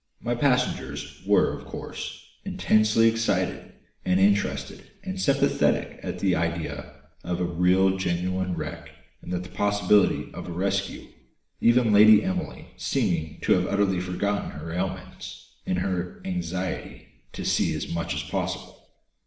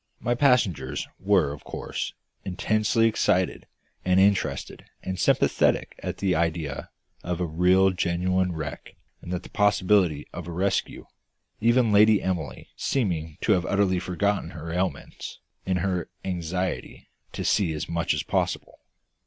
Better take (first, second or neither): second